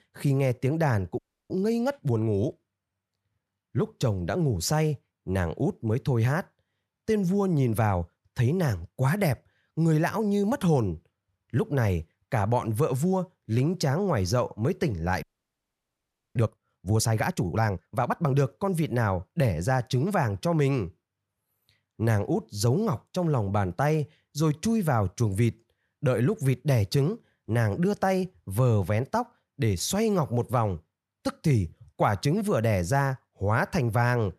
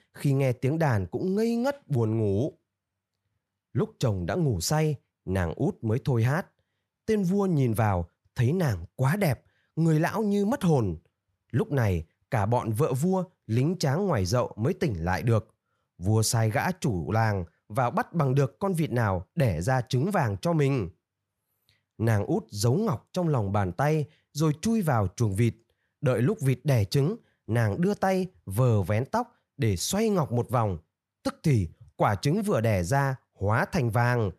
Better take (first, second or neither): second